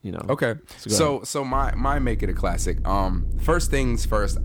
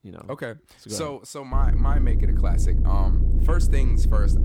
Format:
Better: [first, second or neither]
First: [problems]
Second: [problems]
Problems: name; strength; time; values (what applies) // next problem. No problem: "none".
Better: first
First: low rumble; faint; from 1.5 s on; 20 dB below the speech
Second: low rumble; loud; from 1.5 s on; 6 dB below the speech